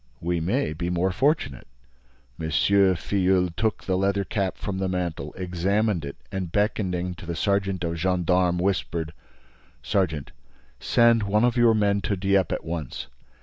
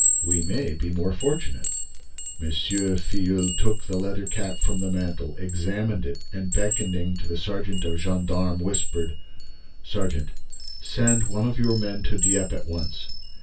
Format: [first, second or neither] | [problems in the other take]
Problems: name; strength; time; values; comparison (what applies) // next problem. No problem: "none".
first | background sound (Chime); 8 dB below the speech // room echo; dies away in 0.2 s